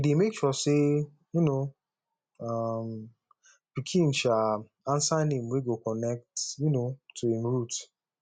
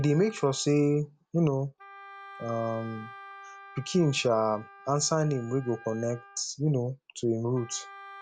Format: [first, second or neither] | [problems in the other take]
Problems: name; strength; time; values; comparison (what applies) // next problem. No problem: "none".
first | background sound (Wind instrument, woodwind instrument); 20 dB below the speech